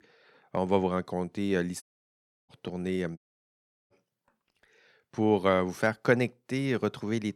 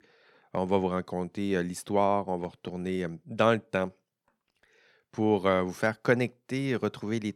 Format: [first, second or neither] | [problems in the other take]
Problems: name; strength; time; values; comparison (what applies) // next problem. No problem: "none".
second | audio cutting out; at 2 s for 0.5 s and at 3 s for 0.5 s